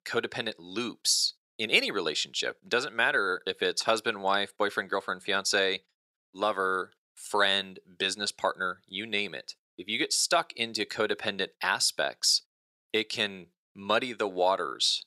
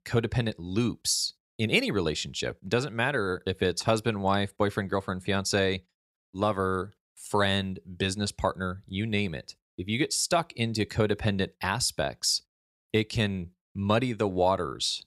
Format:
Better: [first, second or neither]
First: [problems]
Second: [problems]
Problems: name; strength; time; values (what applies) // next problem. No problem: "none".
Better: second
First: thin; somewhat; fading below 350 Hz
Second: none